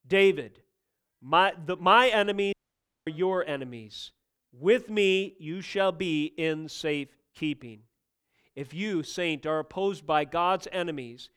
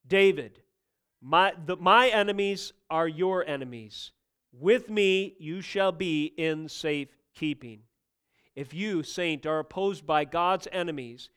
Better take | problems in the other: second | audio cutting out; at 2.5 s for 0.5 s

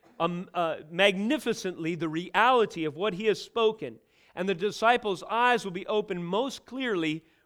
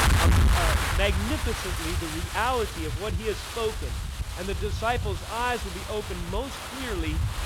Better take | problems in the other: first | wind noise on the microphone; heavy; 1 dB below the speech

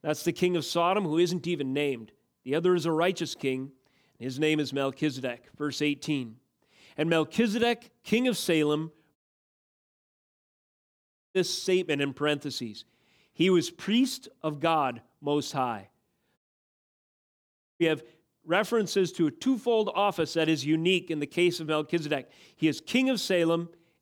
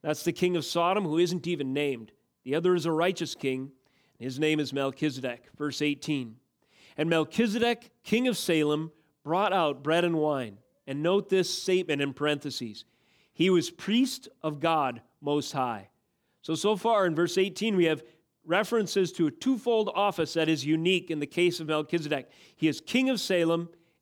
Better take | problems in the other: second | audio cutting out; at 9 s for 2 s and at 16 s for 1.5 s

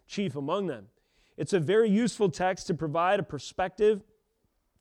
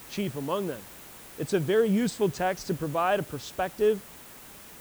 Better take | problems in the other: first | hiss; noticeable; throughout; 15 dB below the speech

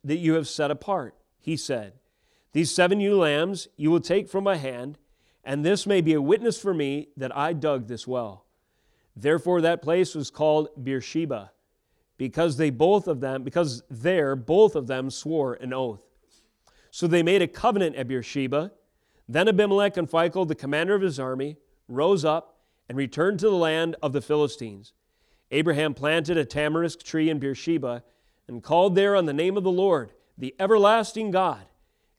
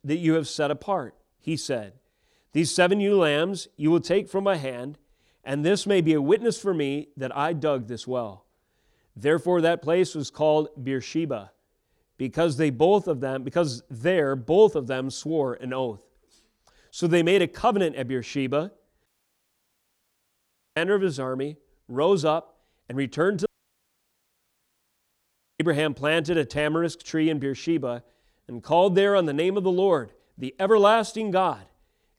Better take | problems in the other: first | audio cutting out; at 19 s for 1.5 s and at 23 s for 2 s

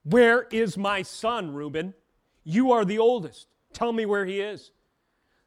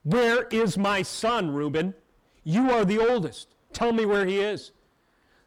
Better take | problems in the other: first | distortion; heavy; 5 dB below the speech

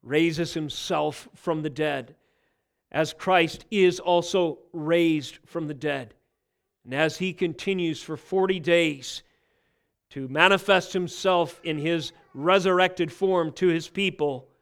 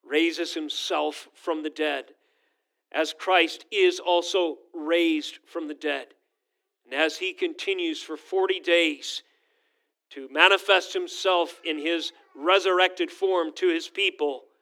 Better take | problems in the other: first | thin; somewhat; fading below 300 Hz

